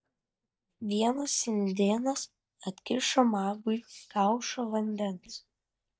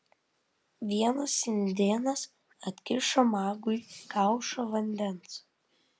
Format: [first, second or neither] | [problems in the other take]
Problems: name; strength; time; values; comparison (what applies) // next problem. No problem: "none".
second | noise reduction (neural mask model DeepFilterNet 3)